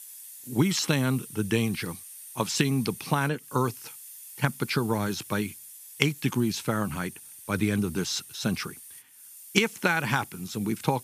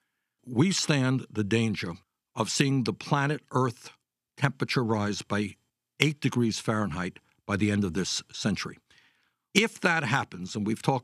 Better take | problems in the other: second | hiss; noticeable; throughout; 15 dB below the speech

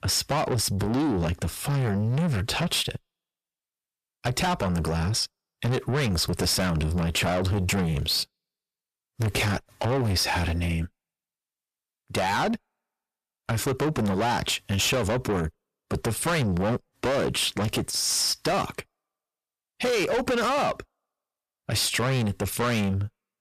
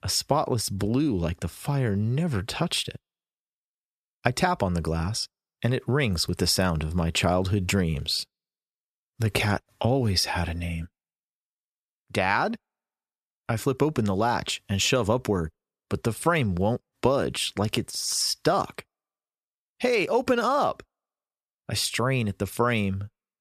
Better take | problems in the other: second | distortion; heavy; 5 dB below the speech

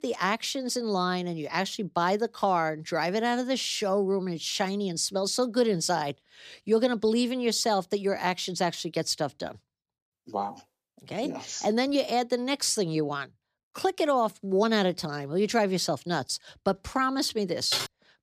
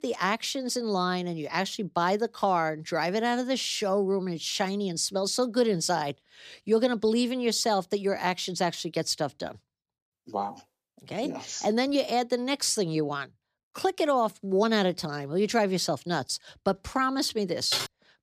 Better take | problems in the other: neither | keyboard typing; noticeable; at 18 s; peak 3 dB below the speech; the same in both

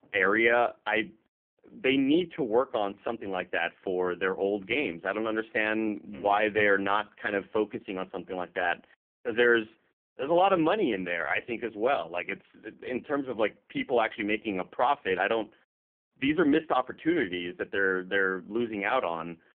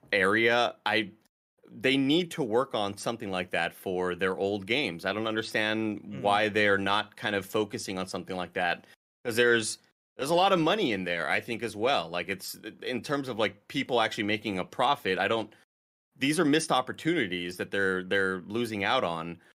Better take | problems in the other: second | phone-call audio; poor line; nothing above 3 kHz

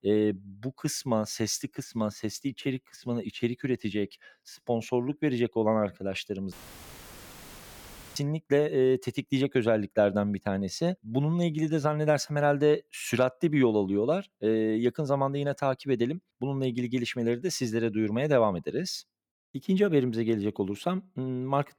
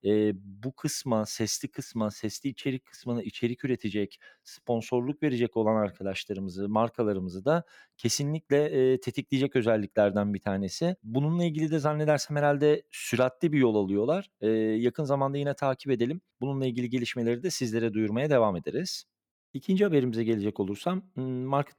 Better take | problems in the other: second | audio cutting out; filled with static; at 6.5 s for 1.5 s

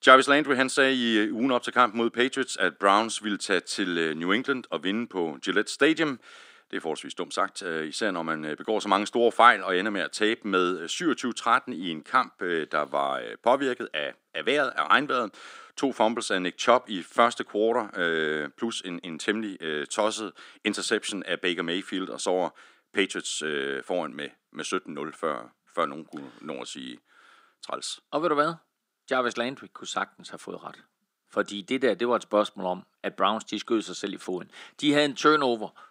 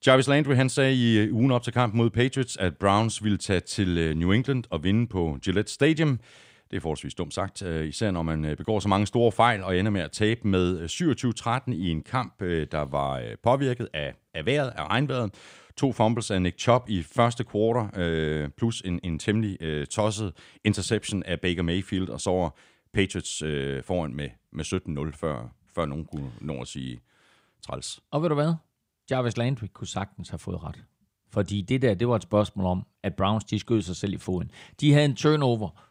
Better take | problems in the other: second | thin; somewhat; fading below 250 Hz

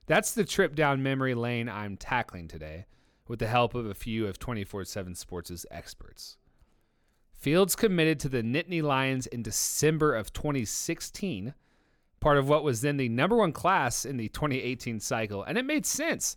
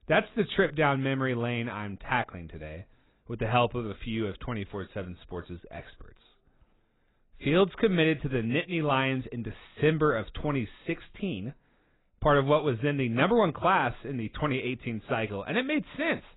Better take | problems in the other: first | garbled, watery; badly; nothing above 4 kHz

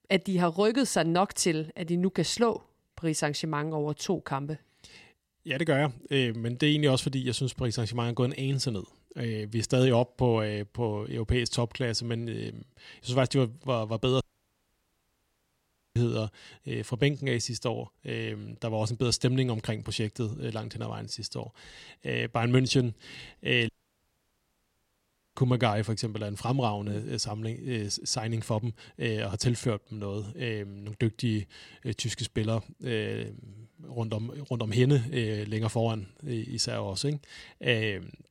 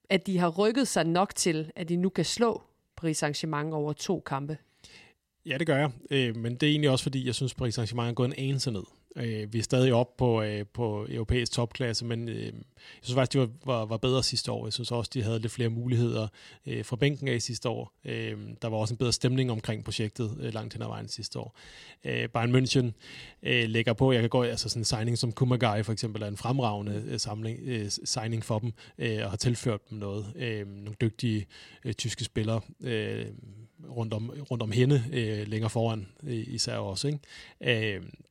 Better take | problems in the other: second | audio cutting out; at 14 s for 2 s and at 24 s for 1.5 s

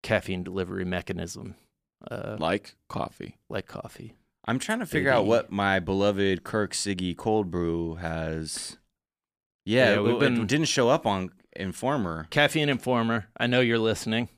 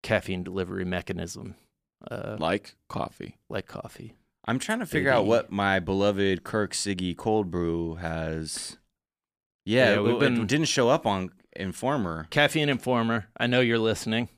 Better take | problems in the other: neither | none

